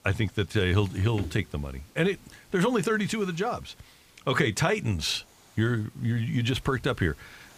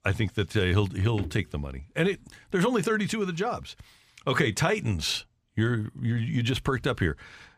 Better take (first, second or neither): second